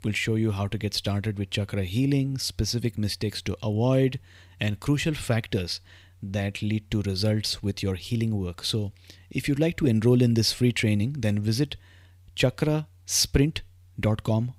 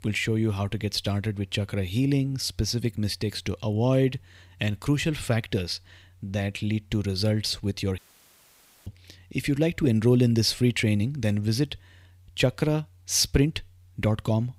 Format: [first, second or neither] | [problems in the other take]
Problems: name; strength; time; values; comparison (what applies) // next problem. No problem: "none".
first | audio cutting out; at 8 s for 1 s